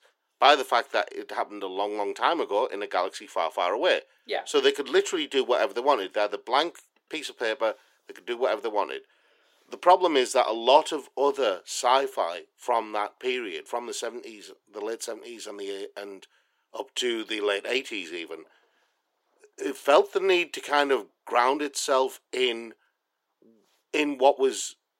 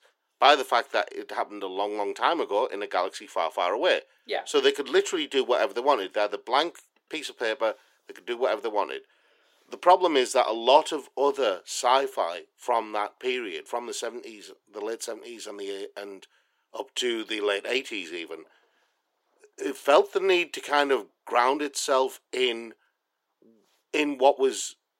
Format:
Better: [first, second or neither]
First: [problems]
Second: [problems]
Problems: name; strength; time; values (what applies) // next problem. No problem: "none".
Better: neither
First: thin; very; fading below 400 Hz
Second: thin; very; fading below 400 Hz